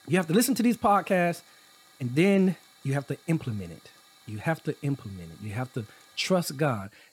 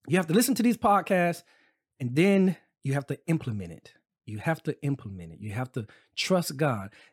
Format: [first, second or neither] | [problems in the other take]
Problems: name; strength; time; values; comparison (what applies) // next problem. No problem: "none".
second | hiss; faint; throughout; 25 dB below the speech